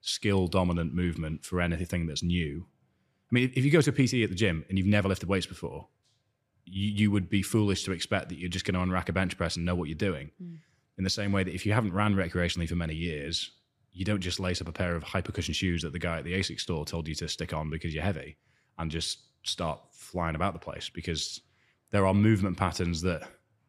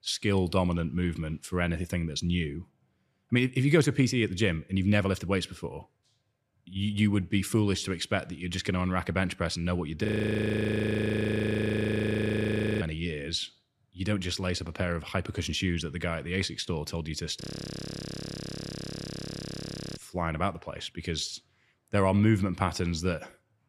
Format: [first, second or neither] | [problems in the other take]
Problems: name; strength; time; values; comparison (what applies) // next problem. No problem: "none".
first | audio freezing; at 10 s for 3 s and at 17 s for 2.5 s